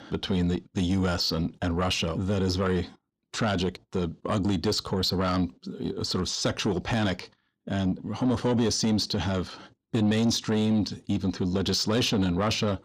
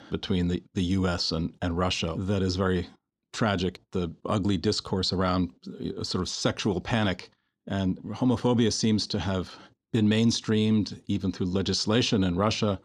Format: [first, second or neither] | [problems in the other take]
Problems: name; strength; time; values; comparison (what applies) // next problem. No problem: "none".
second | distortion; slight; 10 dB below the speech